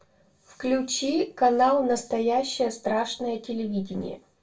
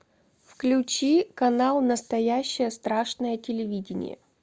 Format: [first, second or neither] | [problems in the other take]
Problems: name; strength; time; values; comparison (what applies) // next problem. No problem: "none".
second | room echo; dies away in 0.2 s